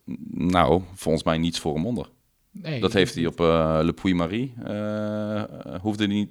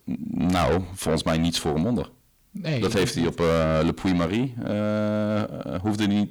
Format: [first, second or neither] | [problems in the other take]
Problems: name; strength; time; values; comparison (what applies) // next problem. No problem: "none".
first | distortion; heavy; 7 dB below the speech